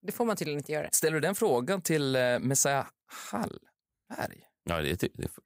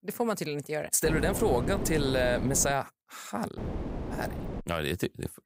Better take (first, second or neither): first